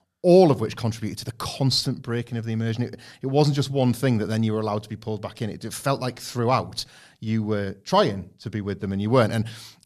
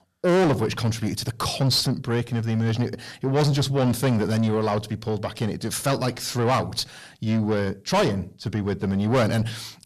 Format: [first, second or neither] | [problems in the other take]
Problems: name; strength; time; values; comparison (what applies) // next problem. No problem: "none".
first | distortion; heavy; 6 dB below the speech